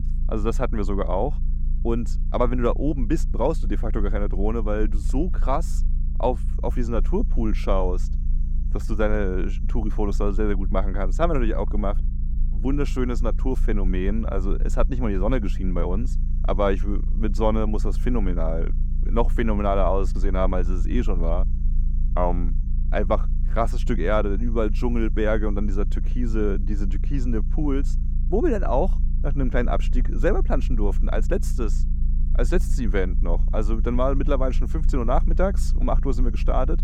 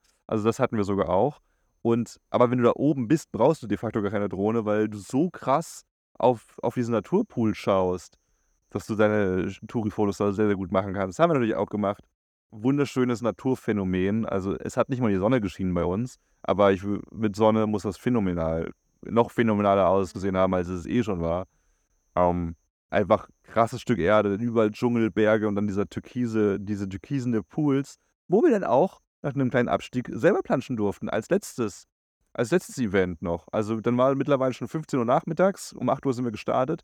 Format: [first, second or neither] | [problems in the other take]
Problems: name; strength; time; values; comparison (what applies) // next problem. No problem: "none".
second | low rumble; noticeable; throughout; 20 dB below the speech